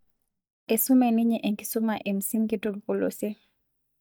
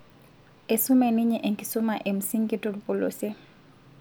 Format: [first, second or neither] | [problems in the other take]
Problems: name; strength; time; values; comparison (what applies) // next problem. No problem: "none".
second | noise reduction (neural mask model DeepFilterNet 3)